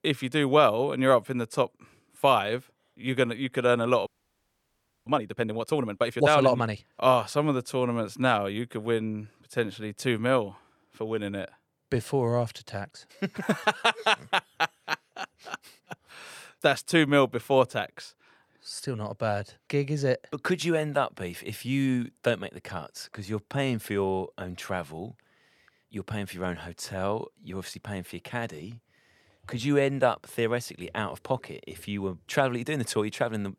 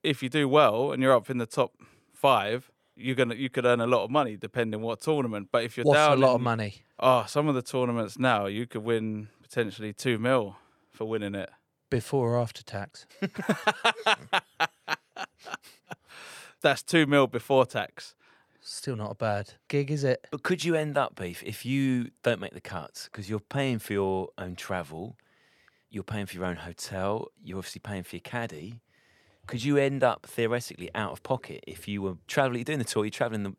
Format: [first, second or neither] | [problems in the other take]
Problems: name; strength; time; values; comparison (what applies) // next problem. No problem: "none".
second | audio freezing; at 4 s for 1 s